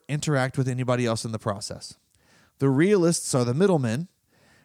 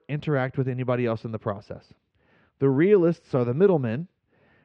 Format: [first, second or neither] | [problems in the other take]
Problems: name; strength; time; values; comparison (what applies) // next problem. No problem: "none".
first | muffled; very; fading above 3 kHz